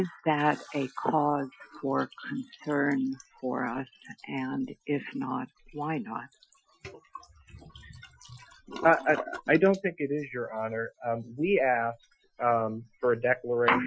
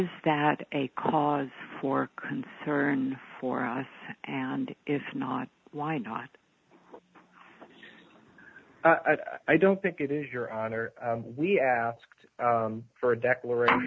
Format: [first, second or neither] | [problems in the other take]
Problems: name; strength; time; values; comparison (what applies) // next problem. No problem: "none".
second | noise reduction (classical method Wiener filter)